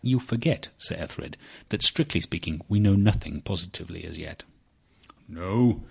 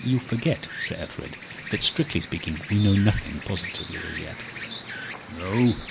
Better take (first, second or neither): first